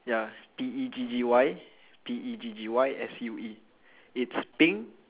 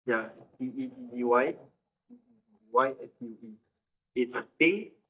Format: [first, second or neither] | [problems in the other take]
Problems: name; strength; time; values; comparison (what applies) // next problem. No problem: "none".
first | noise reduction (neural mask model DeepFilterNet 3)